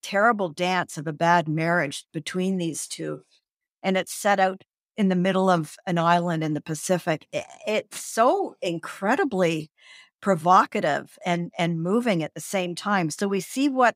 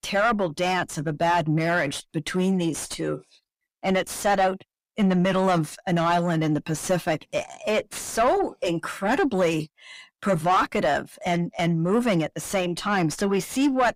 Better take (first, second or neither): first